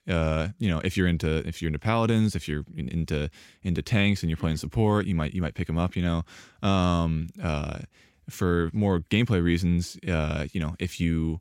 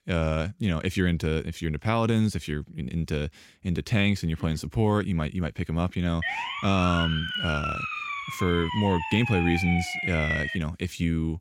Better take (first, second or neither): first